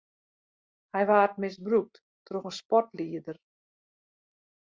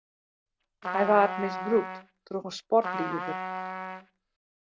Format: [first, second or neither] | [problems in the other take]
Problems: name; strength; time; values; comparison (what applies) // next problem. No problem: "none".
first | background sound (Trumpet); 6 dB below the speech